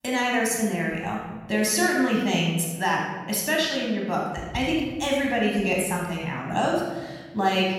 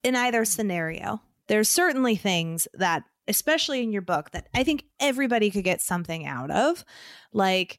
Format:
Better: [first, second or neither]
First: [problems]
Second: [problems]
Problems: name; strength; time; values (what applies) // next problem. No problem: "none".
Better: second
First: off-mic speech; somewhat distant // room echo; noticeable; dies away in 1.3 s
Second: none